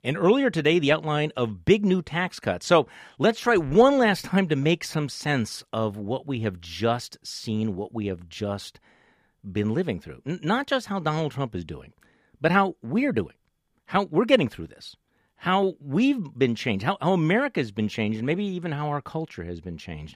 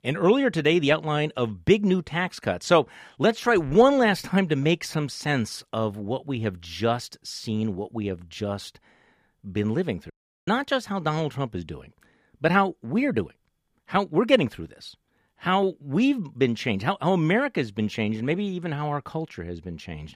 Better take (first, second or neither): first